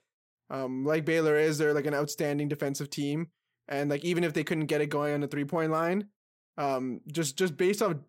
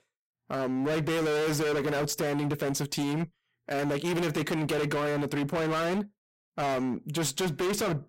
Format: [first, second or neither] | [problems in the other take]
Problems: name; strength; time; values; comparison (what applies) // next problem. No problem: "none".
first | distortion; heavy; 34% of the sound clipped